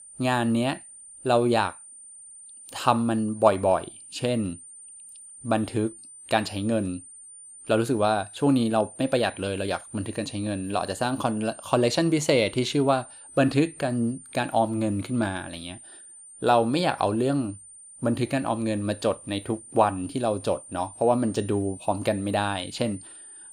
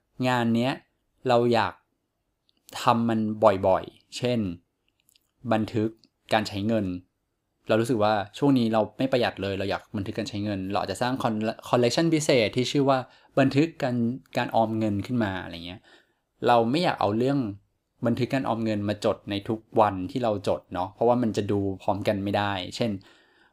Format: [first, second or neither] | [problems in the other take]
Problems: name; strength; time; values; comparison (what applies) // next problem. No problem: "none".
second | high-pitched whine; noticeable; throughout; 9 kHz, 15 dB below the speech